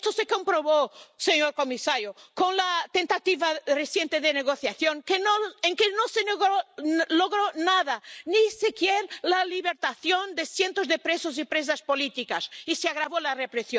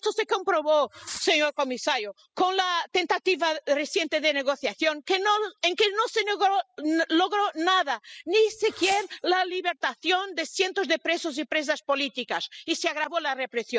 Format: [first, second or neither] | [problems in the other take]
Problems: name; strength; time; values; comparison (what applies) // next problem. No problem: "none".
first | noise reduction (classical method spectral subtraction)